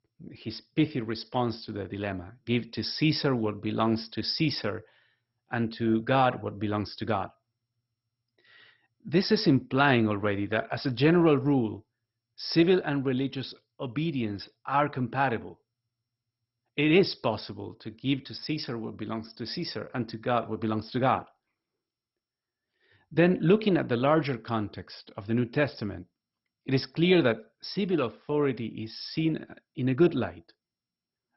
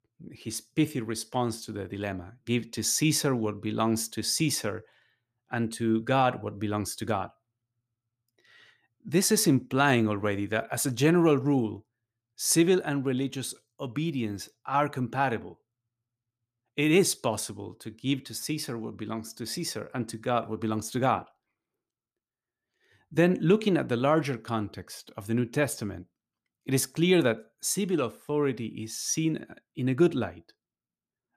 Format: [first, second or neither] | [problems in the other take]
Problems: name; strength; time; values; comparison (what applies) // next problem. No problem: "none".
second | garbled, watery; badly; nothing above 5.5 kHz